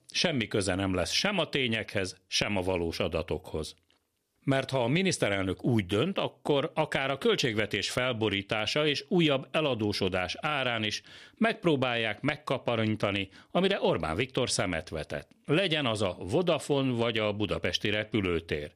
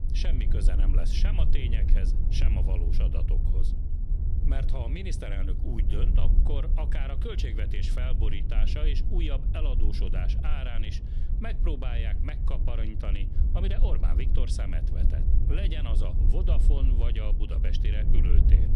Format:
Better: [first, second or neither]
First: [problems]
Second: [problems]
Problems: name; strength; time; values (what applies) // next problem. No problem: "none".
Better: first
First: none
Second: wind noise on the microphone; heavy; 5 dB below the speech